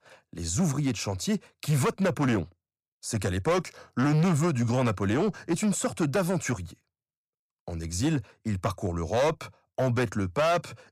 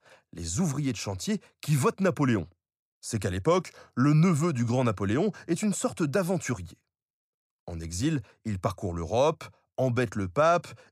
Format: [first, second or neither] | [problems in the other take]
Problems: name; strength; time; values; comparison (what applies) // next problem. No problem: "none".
second | distortion; slight; 9% of the sound clipped